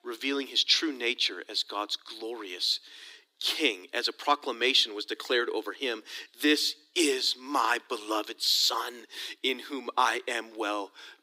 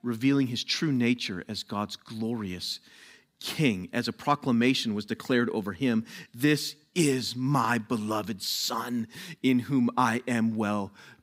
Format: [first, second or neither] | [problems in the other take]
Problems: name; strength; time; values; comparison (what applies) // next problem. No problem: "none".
second | thin; somewhat; fading below 300 Hz